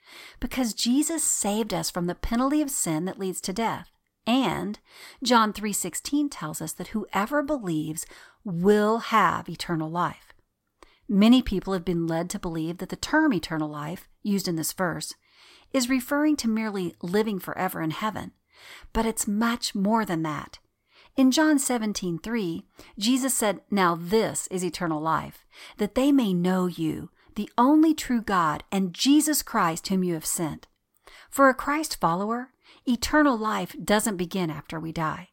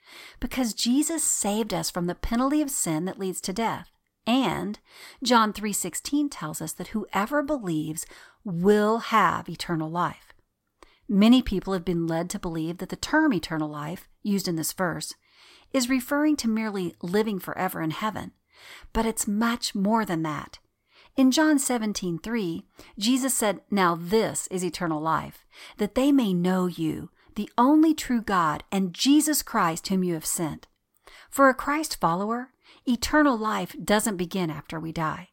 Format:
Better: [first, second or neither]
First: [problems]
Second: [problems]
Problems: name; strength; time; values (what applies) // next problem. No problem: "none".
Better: neither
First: none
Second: none